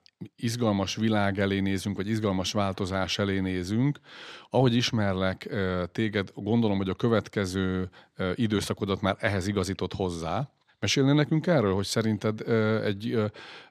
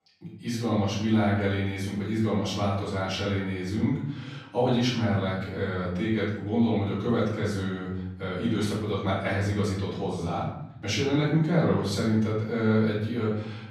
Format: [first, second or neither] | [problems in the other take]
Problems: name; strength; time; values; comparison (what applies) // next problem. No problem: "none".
first | off-mic speech; far // room echo; noticeable; dies away in 0.8 s